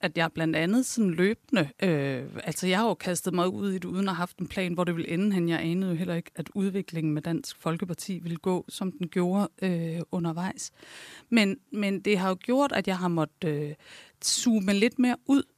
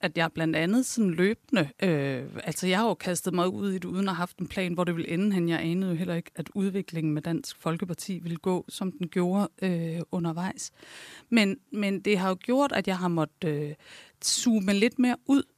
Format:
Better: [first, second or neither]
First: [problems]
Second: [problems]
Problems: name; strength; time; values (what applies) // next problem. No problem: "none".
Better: neither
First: none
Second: none